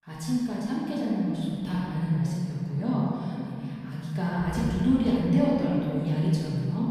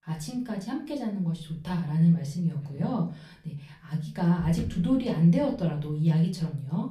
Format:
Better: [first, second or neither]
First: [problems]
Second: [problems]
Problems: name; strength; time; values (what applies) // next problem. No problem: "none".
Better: second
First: room echo; strong; dies away in 2.5 s // off-mic speech; far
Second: room echo; slight; dies away in 0.4 s // off-mic speech; far